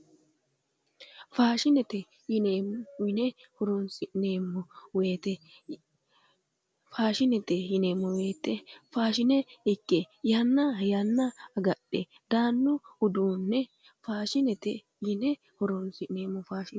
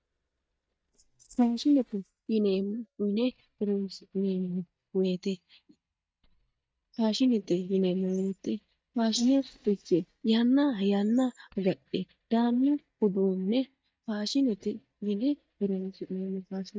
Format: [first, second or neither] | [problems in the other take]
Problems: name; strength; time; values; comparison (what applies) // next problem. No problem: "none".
first | noise reduction (neural mask model DeepFilterNet 3)